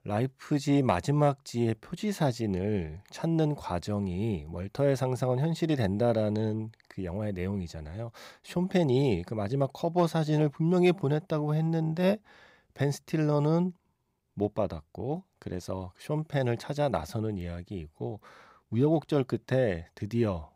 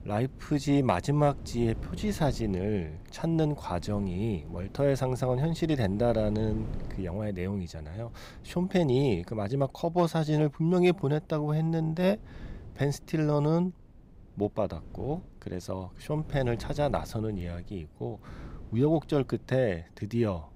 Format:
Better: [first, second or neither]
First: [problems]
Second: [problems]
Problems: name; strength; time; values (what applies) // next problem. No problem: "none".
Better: first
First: none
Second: wind noise on the microphone; occasional gusts; 20 dB below the speech